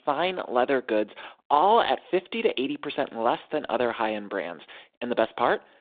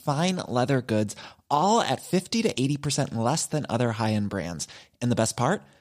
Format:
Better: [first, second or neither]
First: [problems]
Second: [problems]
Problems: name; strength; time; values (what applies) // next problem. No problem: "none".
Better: second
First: phone-call audio; nothing above 3.5 kHz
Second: none